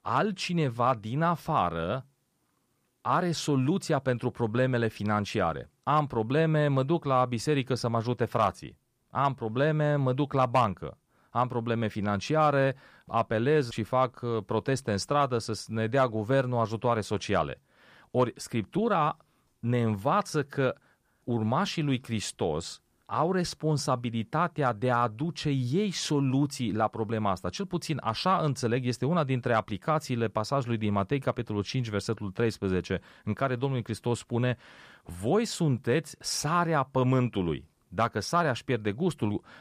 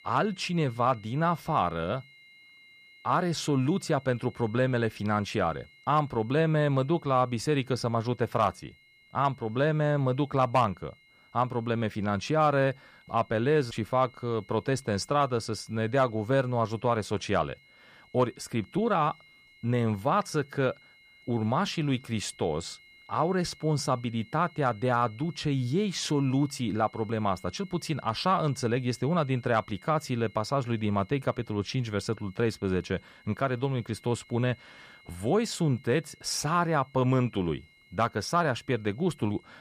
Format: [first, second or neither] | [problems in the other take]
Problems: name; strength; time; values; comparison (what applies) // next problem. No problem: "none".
first | high-pitched whine; faint; throughout; 2 kHz, 25 dB below the speech